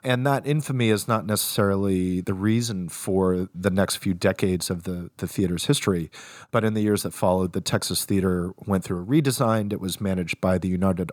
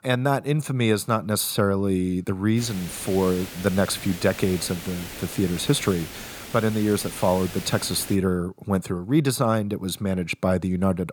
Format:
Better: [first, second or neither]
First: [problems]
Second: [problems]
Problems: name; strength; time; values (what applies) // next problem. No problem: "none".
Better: first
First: none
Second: hiss; noticeable; from 2.5 to 8 s; 10 dB below the speech